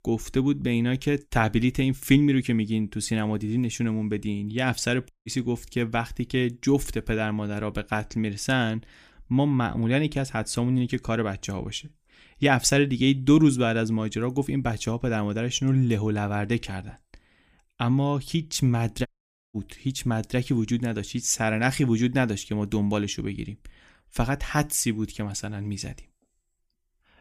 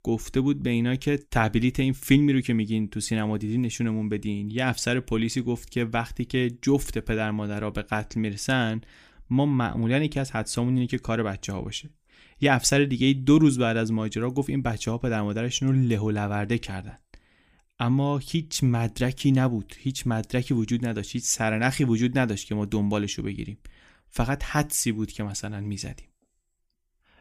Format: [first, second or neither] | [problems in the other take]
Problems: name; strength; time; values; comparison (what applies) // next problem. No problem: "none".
second | audio cutting out; at 5 s and at 19 s